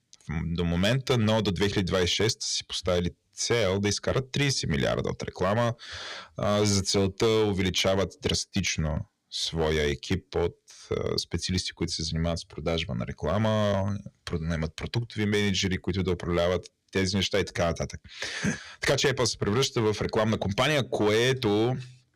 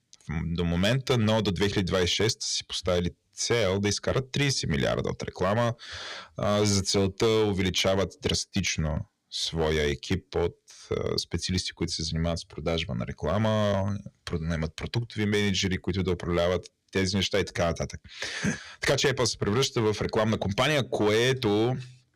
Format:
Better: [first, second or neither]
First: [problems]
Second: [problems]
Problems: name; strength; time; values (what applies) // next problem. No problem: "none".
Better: neither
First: distortion; slight; 4% of the sound clipped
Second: distortion; slight; 4% of the sound clipped